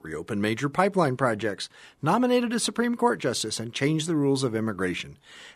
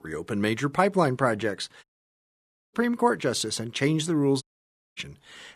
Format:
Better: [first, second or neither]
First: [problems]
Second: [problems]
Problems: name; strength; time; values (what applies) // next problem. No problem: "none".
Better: first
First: none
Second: audio cutting out; at 2 s for 1 s and at 4.5 s for 0.5 s